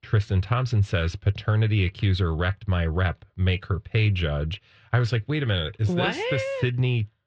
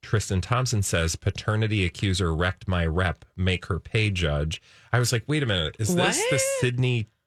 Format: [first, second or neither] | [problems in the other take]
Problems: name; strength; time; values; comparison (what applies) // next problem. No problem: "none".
second | muffled; slightly; fading above 4 kHz